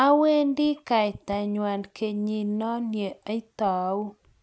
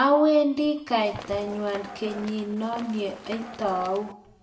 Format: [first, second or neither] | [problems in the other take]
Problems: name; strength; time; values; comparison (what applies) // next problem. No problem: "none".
first | background sound (Run); 16 dB below the speech // room echo; dies away in 0.7 s